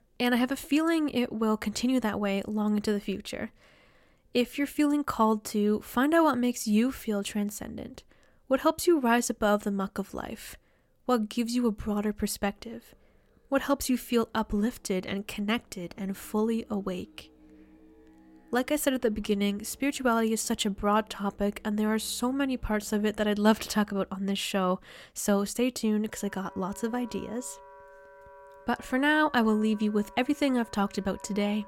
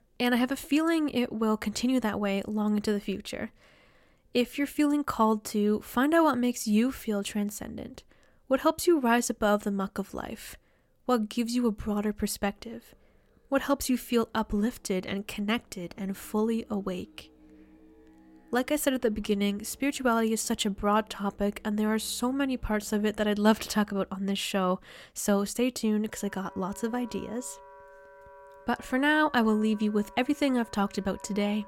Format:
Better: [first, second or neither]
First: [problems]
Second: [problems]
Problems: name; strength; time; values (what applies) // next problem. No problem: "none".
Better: neither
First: background music; faint; throughout; 25 dB below the speech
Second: background music; faint; throughout; 25 dB below the speech